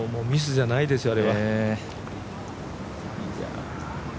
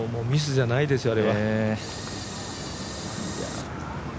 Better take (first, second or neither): first